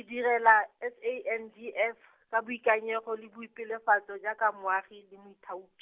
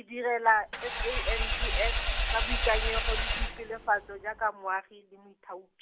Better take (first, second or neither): first